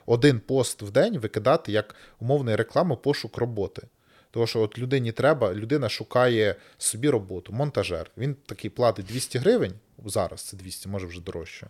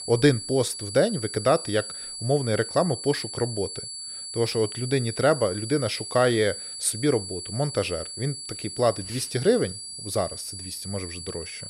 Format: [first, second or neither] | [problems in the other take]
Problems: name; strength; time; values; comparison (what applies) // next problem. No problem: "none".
first | high-pitched whine; loud; throughout; 4.5 kHz, 8 dB below the speech